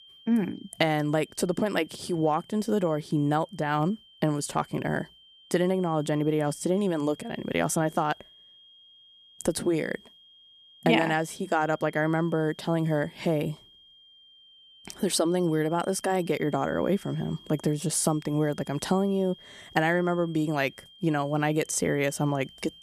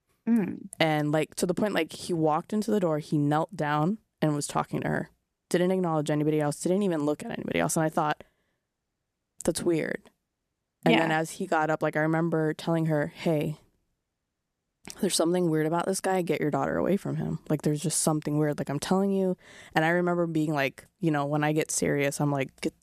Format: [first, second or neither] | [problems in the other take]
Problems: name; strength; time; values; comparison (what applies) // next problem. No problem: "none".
second | high-pitched whine; faint; throughout; 3 kHz, 25 dB below the speech